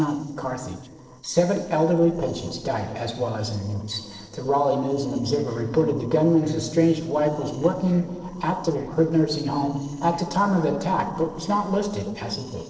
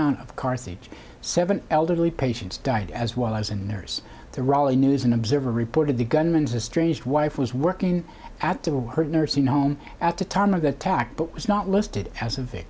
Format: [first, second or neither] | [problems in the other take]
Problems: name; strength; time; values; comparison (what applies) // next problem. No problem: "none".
second | noise reduction (neural separator model SepFormer DNS4)